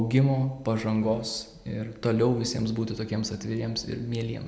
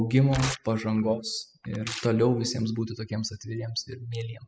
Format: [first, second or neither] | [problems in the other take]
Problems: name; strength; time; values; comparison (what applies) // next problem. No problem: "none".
first | noise reduction (classical method spectral subtraction)